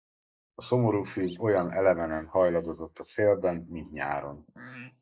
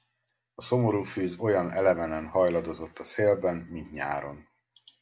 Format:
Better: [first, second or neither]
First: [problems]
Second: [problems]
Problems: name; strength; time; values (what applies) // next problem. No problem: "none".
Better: second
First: noise reduction (neural mask model Resemble Enhance denoiser)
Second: none